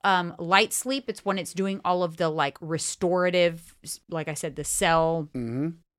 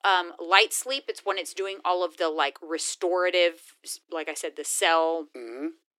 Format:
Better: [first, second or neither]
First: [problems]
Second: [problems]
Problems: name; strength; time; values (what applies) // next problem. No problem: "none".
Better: first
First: none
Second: thin; very; fading below 300 Hz